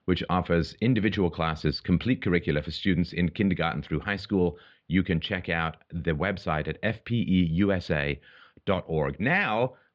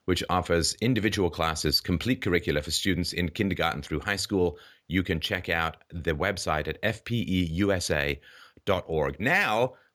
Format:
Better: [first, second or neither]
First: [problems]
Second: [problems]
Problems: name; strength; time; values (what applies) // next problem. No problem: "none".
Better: second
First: muffled; slightly; fading above 3.5 kHz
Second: none